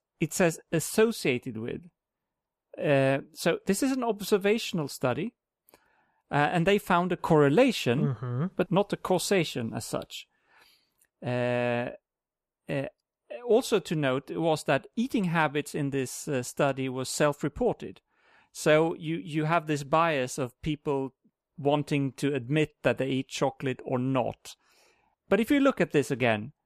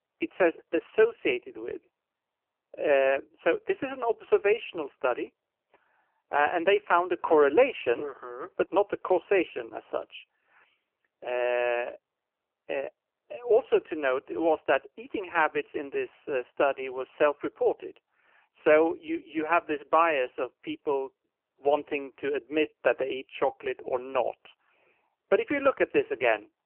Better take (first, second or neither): first